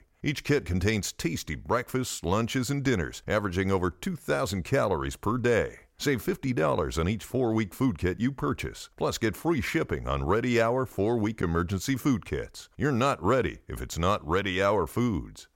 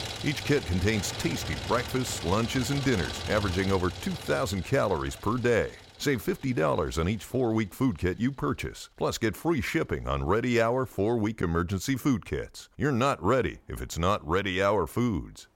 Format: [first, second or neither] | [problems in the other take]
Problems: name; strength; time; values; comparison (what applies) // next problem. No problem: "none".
first | traffic noise; loud; throughout; 9 dB below the speech